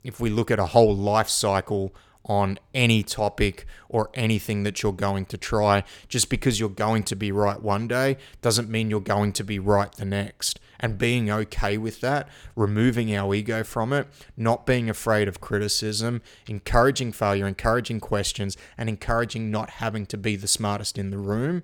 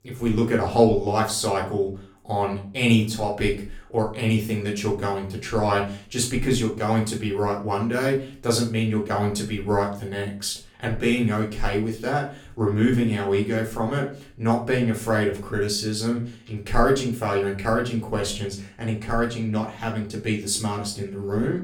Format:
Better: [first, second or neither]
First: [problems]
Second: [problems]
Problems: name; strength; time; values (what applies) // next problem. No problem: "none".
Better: first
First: none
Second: room echo; slight; dies away in 0.3 s // off-mic speech; far